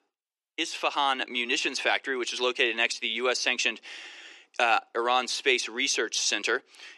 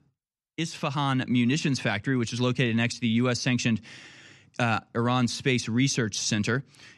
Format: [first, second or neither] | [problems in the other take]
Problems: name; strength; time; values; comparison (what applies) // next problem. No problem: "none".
second | thin; very; fading below 350 Hz